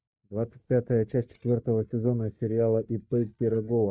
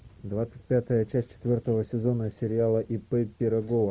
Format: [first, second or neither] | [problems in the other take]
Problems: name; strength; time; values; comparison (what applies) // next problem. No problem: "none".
second | noise reduction (neural mask model DeepFilterNet 3)